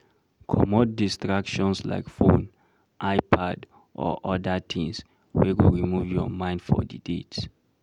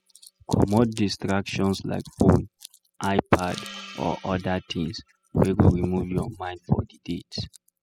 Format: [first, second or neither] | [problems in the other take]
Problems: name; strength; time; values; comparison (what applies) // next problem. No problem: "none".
first | noise reduction (classical method spectral subtraction)